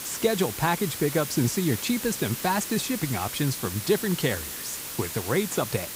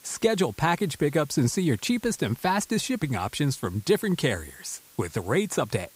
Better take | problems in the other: second | hiss; loud; throughout; 6 dB below the speech; faint in the second

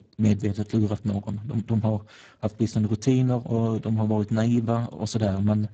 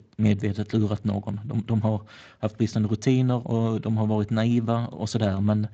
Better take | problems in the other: second | garbled, watery; badly; nothing above 7.5 kHz; slightly in the second

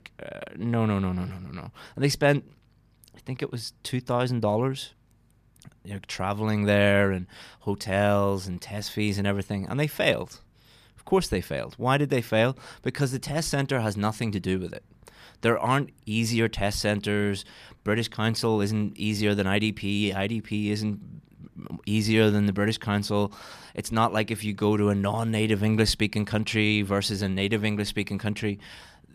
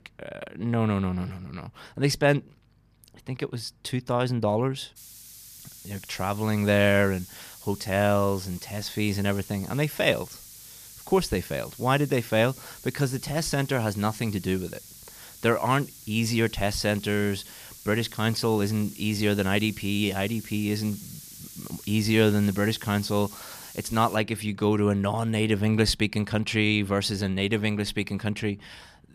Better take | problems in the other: first | hiss; noticeable; from 5 to 24 s; 15 dB below the speech

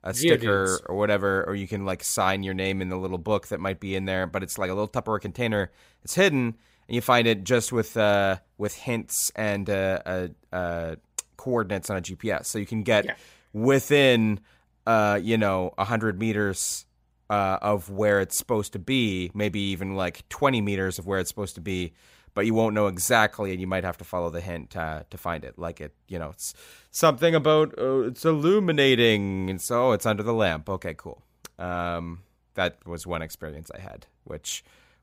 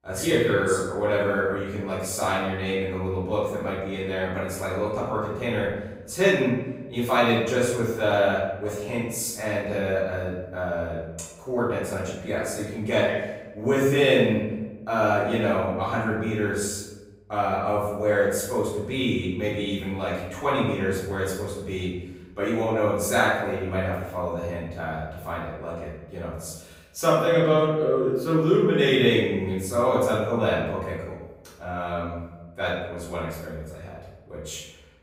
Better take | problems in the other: first | off-mic speech; far // room echo; noticeable; dies away in 1 s

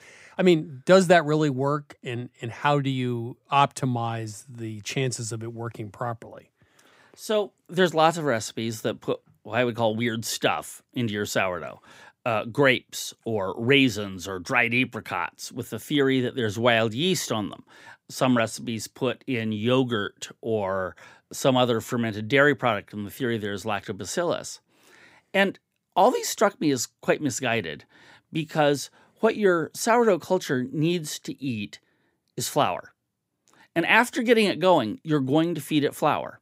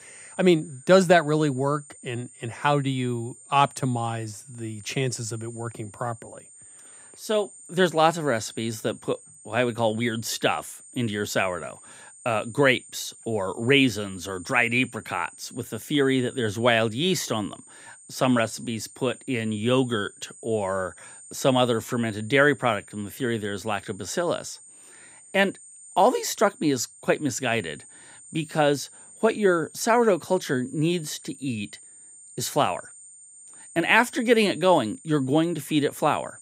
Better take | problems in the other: first | high-pitched whine; faint; throughout; 8.5 kHz, 20 dB below the speech

